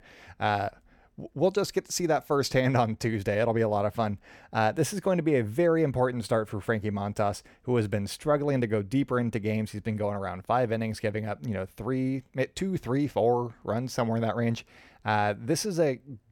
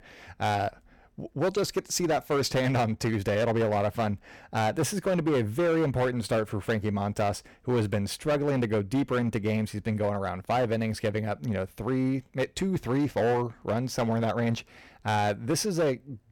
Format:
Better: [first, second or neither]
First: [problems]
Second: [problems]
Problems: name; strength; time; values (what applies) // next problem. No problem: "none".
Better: first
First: none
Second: distortion; slight; 11% of the sound clipped